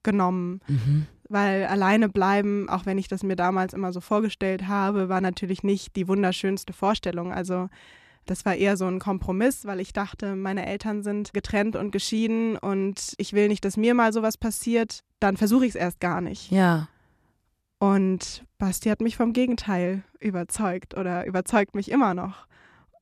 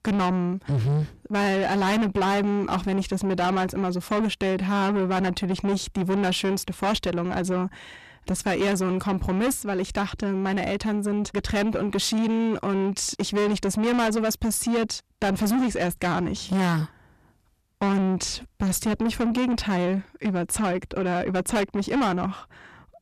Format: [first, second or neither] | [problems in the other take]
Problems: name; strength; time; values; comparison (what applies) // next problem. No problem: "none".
first | distortion; heavy; 7 dB below the speech